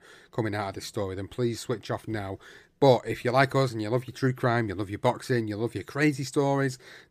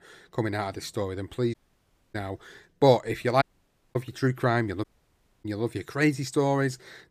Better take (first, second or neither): first